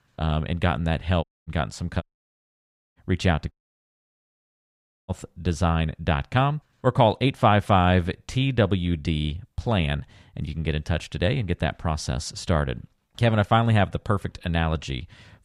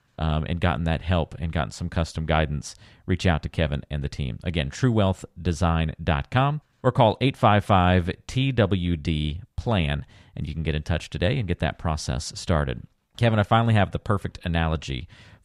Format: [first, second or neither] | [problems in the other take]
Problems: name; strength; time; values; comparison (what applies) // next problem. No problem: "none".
second | audio cutting out; at 1 s, at 2 s for 1 s and at 3.5 s for 1.5 s